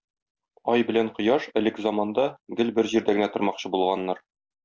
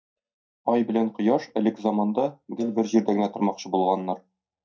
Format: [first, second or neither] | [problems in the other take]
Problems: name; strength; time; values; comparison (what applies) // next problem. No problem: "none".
first | noise reduction (neural mask model DeepFilterNet 3)